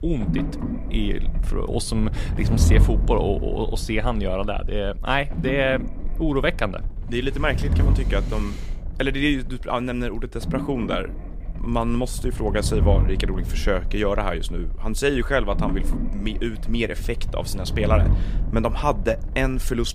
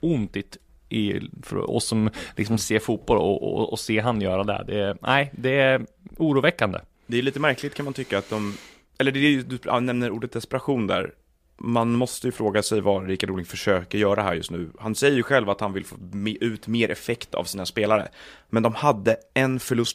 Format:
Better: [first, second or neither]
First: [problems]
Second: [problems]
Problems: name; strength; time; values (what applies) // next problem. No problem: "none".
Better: second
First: low rumble; noticeable; throughout; 10 dB below the speech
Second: none